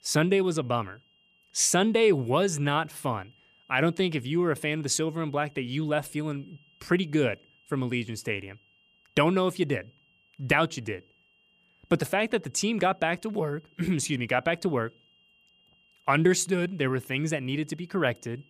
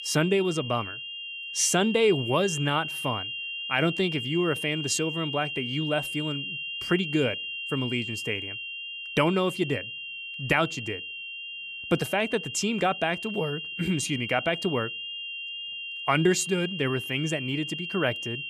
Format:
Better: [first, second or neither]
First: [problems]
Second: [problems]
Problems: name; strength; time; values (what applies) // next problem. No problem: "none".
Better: first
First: high-pitched whine; faint; throughout; 3 kHz, 35 dB below the speech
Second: high-pitched whine; loud; throughout; 3 kHz, 6 dB below the speech